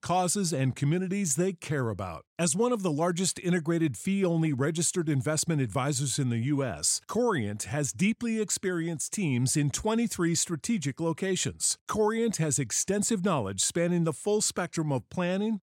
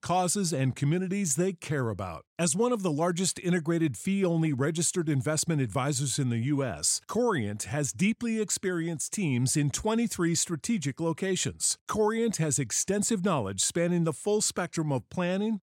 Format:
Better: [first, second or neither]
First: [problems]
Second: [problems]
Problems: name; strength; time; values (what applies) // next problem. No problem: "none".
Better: neither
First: none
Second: none